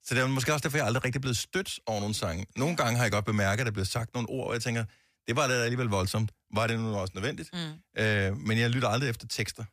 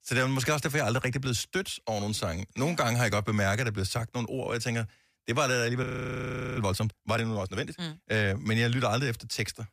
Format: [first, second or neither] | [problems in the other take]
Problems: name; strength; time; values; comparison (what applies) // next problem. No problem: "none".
first | audio freezing; at 6 s for 0.5 s